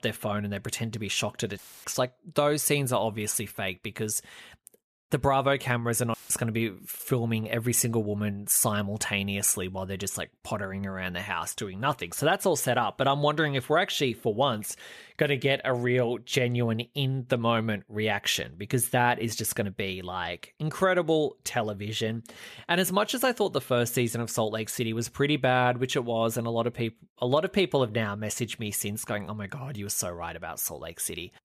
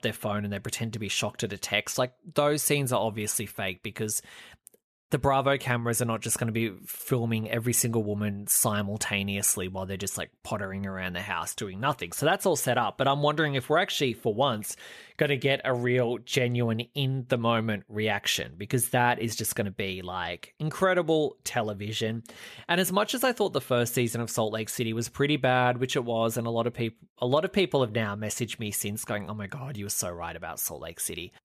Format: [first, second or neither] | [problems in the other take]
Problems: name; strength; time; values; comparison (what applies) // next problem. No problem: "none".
second | audio cutting out; filled with static; at 1.5 s and at 6 s